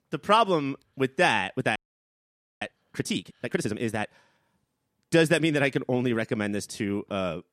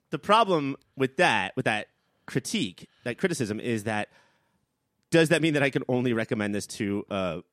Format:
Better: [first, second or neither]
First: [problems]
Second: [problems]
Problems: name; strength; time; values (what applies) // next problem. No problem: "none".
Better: second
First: audio freezing; at 2 s for 1 s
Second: none